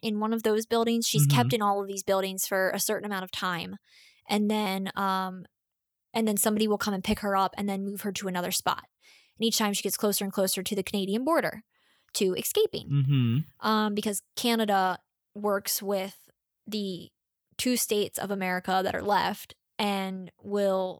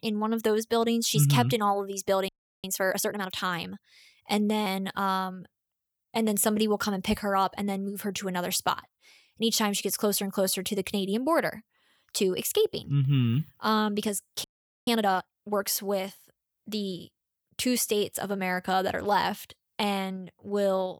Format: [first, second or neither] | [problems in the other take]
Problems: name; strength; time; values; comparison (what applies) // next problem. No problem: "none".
first | audio freezing; at 2.5 s and at 14 s